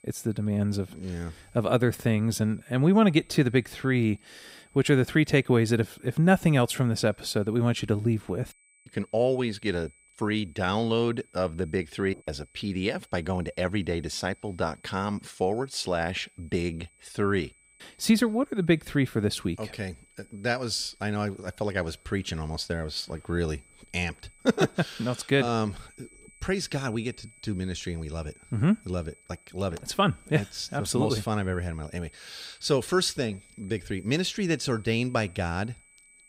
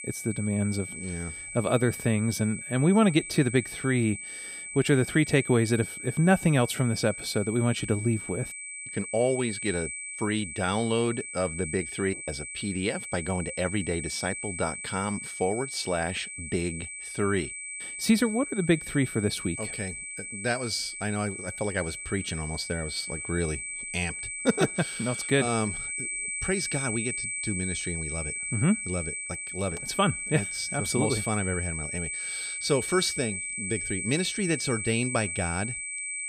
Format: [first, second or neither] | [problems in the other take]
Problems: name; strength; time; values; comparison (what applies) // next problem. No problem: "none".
first | high-pitched whine; loud; throughout; 2.5 kHz, 5 dB below the speech; faint in the first